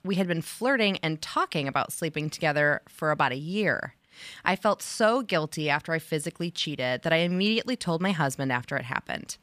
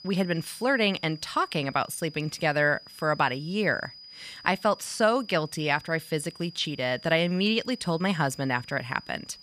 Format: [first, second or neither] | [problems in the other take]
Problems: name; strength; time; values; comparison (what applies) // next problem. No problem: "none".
first | high-pitched whine; noticeable; throughout; 5 kHz, 20 dB below the speech